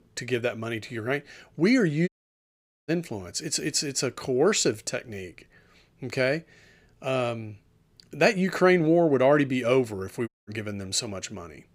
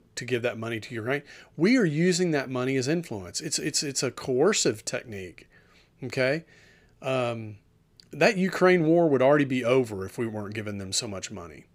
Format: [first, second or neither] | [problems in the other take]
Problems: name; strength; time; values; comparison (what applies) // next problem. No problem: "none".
second | audio cutting out; at 2 s for 1 s and at 10 s